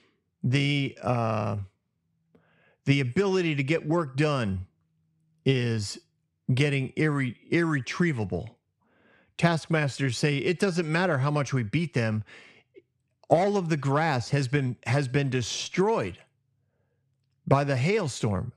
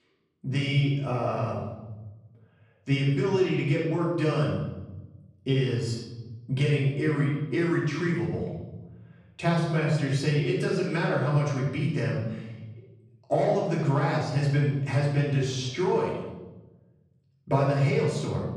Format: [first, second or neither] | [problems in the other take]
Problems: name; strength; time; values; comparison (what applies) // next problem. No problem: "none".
first | off-mic speech; far // room echo; noticeable; dies away in 1 s